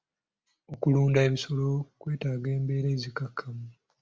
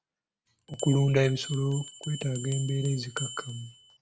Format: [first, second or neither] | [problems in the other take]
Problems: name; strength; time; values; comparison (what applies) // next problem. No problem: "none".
first | background sound (Bell); 13 dB below the speech